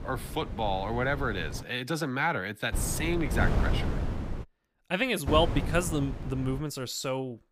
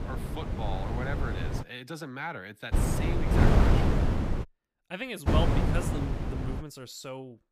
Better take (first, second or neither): first